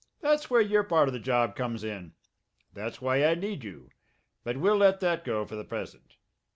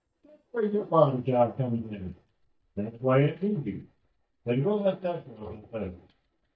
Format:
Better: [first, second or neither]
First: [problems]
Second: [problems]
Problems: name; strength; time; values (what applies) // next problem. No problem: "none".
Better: first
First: none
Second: noise reduction (neural mask model DeepFilterNet 3)